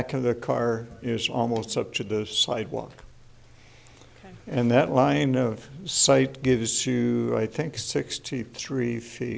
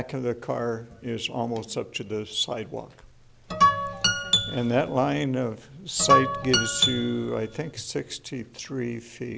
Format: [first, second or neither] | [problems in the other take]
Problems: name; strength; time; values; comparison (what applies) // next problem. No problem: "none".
first | background sound (Guitar); 4 dB above the speech